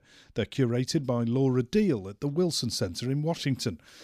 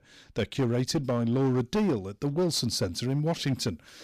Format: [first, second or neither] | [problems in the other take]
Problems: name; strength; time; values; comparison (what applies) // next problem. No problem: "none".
first | distortion; slight; 11% of the sound clipped